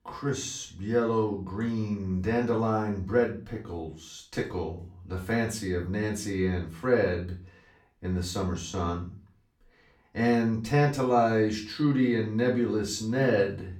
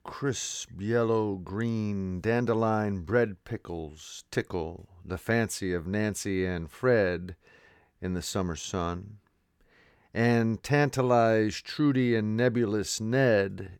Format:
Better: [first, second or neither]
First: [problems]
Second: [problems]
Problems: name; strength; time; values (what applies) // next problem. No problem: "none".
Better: second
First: off-mic speech; far // room echo; slight; dies away in 0.3 s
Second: none